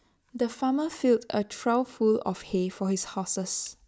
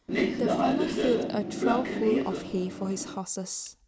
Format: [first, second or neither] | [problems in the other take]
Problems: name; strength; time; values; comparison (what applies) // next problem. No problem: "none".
first | background sound (Train); 2 dB above the speech